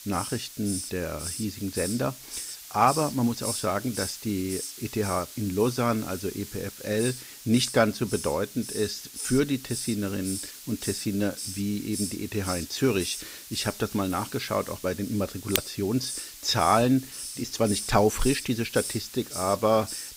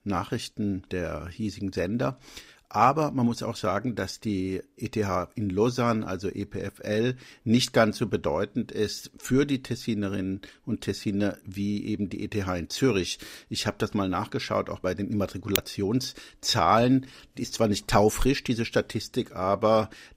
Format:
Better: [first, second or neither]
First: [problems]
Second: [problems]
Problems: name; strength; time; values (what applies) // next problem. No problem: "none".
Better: second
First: hiss; loud; throughout; 8 dB below the speech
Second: none